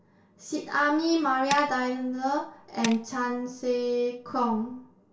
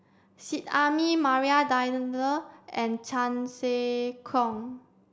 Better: second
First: background sound (Tools); 14 dB below the speech // room echo; dies away in 0.2 s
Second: none

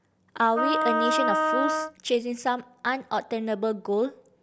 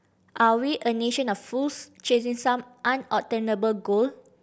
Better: second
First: background sound (Wind instrument, woodwind instrument); 2 dB above the speech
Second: none

